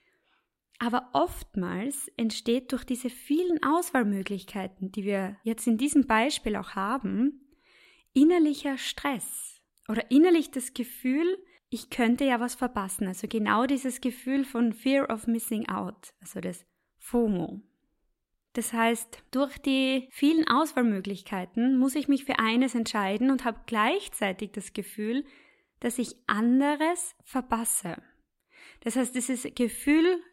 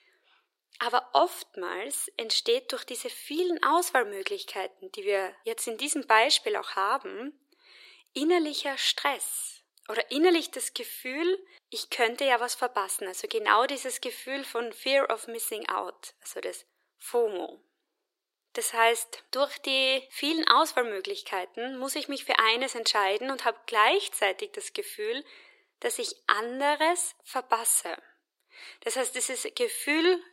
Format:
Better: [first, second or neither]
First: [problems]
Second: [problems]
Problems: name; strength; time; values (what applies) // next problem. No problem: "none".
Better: first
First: none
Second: thin; very; fading below 400 Hz